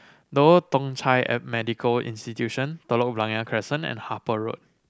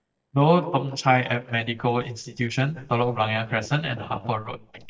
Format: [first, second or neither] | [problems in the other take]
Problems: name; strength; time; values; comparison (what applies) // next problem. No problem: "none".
first | noise reduction (neural mask model DeepFilterNet 3)